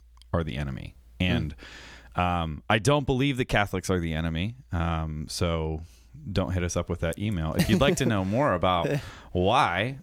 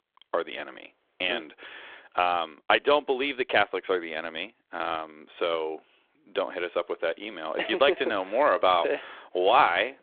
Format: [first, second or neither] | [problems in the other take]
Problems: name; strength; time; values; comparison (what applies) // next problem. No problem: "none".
first | phone-call audio; nothing above 3.5 kHz